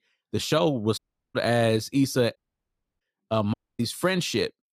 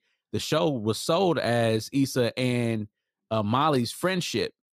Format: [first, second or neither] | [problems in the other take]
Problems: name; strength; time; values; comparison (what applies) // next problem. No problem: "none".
second | audio cutting out; at 1 s, at 2.5 s for 0.5 s and at 3.5 s